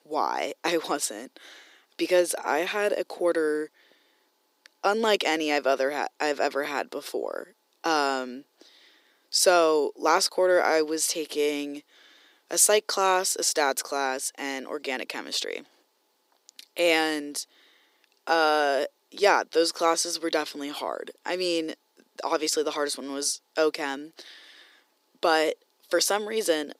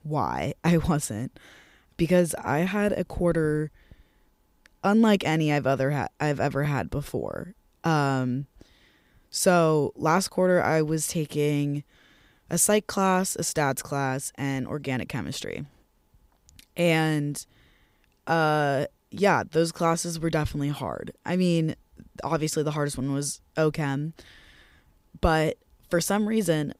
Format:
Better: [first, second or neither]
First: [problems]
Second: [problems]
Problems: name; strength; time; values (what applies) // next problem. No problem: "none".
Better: second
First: thin; very; fading below 300 Hz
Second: none